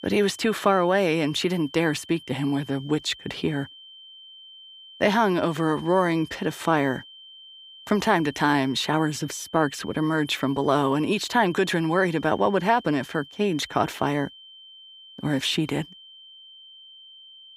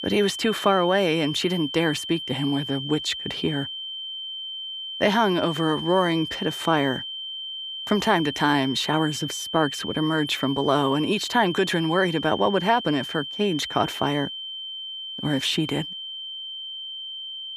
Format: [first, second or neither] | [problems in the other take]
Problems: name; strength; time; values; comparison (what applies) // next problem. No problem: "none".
first | high-pitched whine; loud; throughout; 3 kHz, 7 dB below the speech; faint in the first